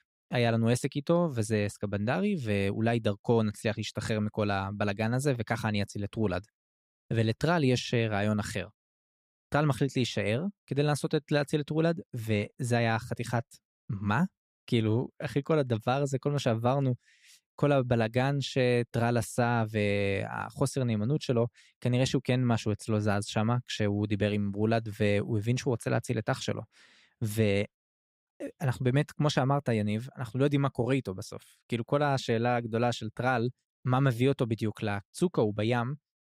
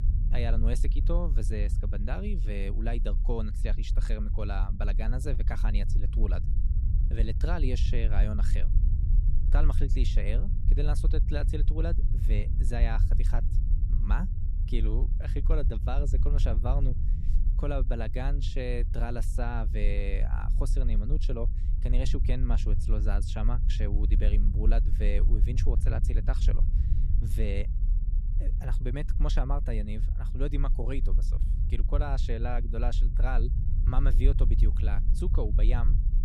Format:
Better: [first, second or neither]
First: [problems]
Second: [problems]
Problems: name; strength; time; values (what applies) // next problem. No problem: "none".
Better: first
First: none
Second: low rumble; loud; throughout; 9 dB below the speech